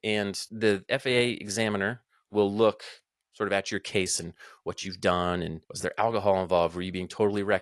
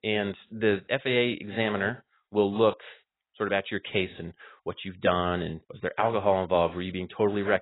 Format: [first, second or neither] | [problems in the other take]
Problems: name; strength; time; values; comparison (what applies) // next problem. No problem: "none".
first | garbled, watery; badly; nothing above 4 kHz; slightly in the first